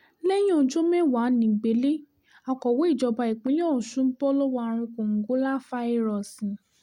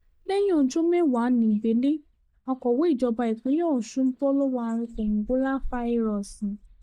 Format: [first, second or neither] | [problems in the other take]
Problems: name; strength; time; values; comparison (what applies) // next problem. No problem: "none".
first | noise reduction (neural mask model DeepFilterNet 3)